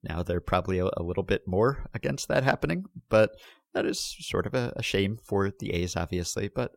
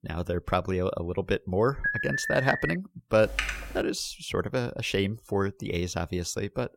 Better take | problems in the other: first | alarm; loud; at 2 s; peak 1 dB above the speech // keyboard typing; noticeable; at 3 s; peak 2 dB below the speech

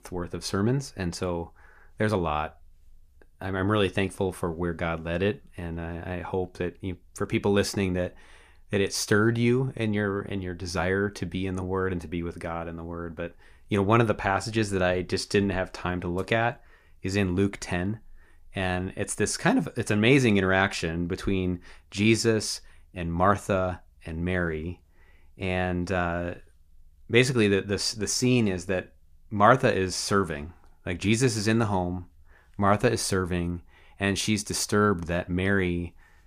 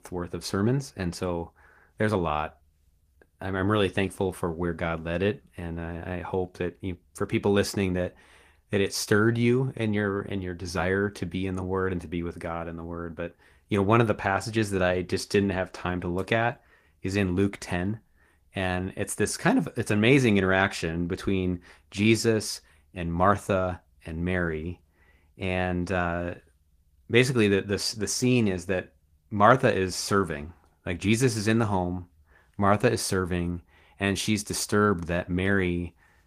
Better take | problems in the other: first | garbled, watery; slightly; nothing above 15 kHz

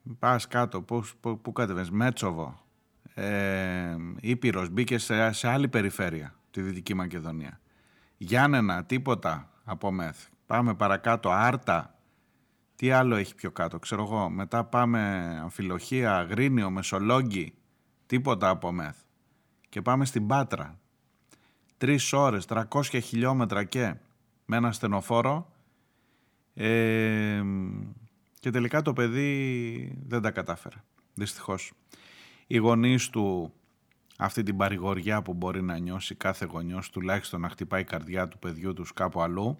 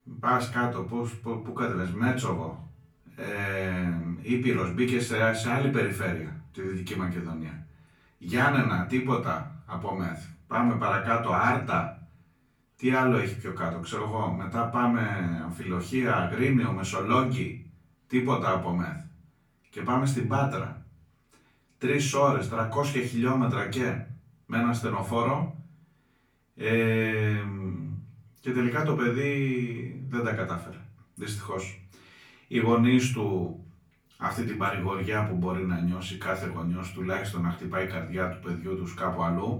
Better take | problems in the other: first | off-mic speech; far // room echo; slight; dies away in 0.4 s

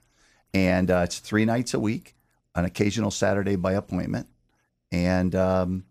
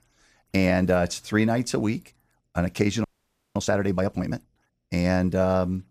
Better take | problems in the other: first | audio freezing; at 3 s for 0.5 s

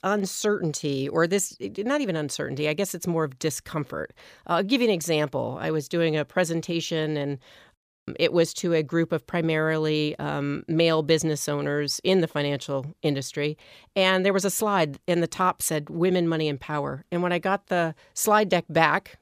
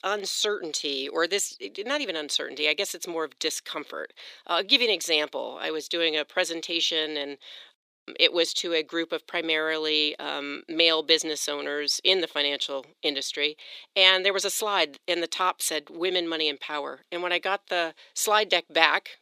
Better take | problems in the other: first | thin; somewhat; fading below 300 Hz

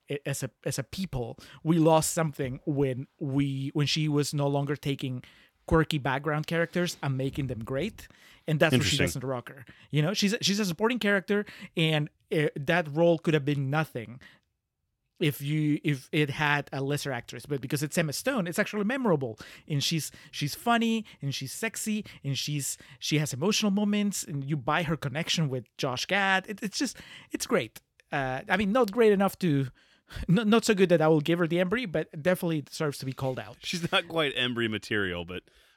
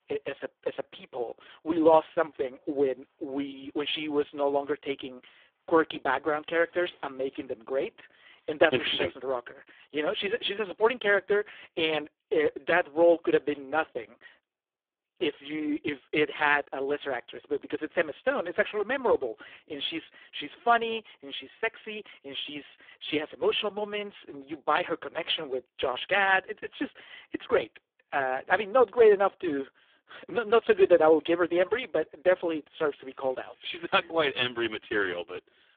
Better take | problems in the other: first | phone-call audio; poor line; nothing above 3.5 kHz

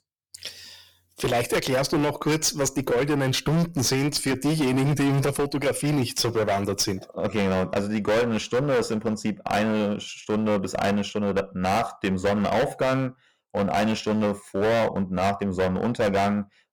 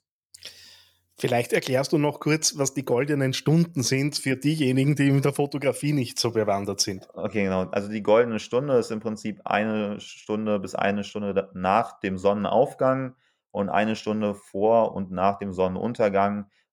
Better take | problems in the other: second | distortion; heavy; 19% of the sound clipped

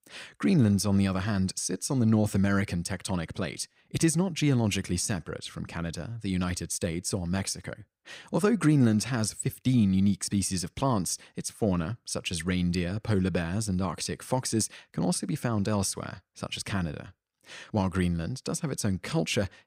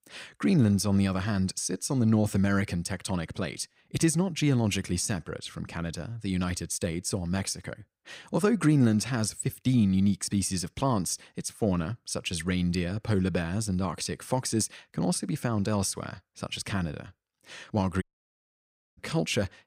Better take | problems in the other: first | audio cutting out; at 18 s for 1 s

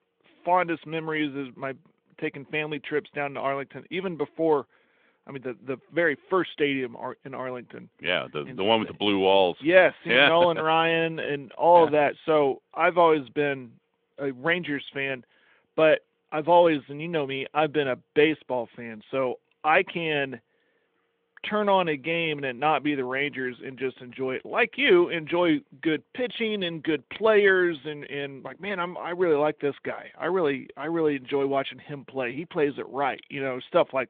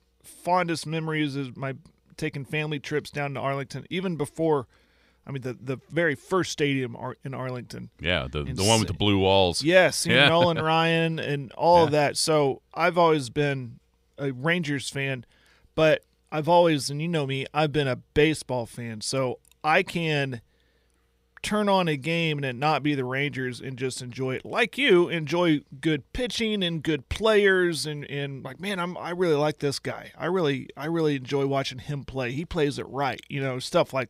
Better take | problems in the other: second | phone-call audio; nothing above 3.5 kHz

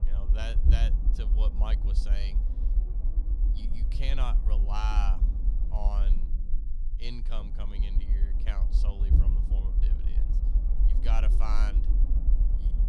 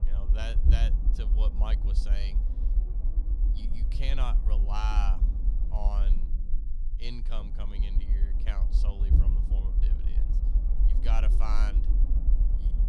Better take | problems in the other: neither | low rumble; loud; throughout; 8 dB below the speech; the same in both

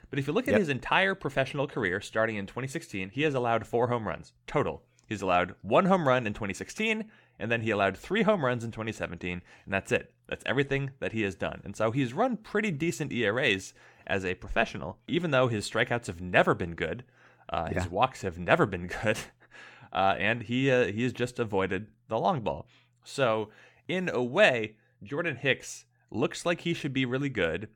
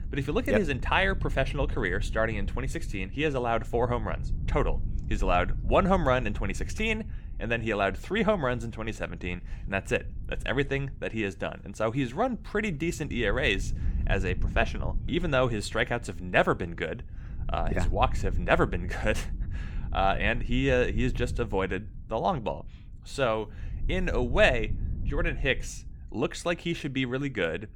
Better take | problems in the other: first | low rumble; faint; throughout; 25 dB below the speech

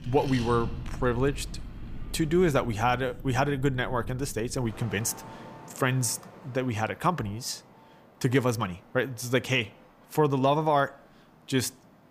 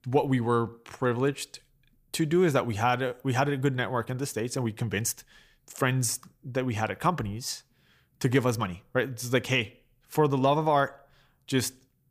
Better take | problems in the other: second | traffic noise; noticeable; throughout; 15 dB below the speech

